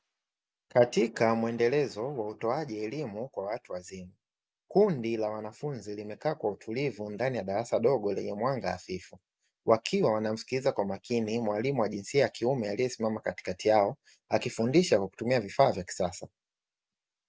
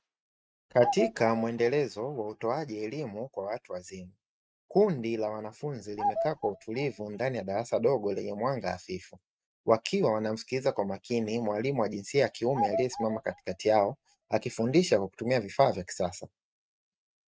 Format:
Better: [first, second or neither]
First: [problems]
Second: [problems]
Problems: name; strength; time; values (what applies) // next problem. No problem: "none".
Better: first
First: none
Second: noise reduction (neural mask model RNNoise)